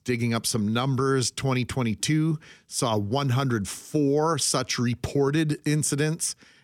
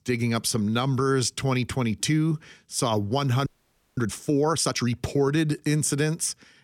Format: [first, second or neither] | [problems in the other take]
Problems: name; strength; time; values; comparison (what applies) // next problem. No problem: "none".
first | audio freezing; at 3.5 s for 0.5 s